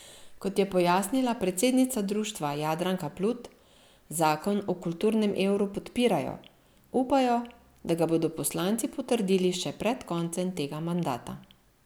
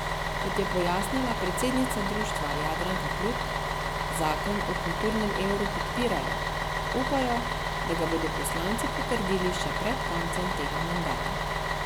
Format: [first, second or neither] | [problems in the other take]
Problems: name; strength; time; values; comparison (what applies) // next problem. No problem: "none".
first | background sound (Bus); 2 dB above the speech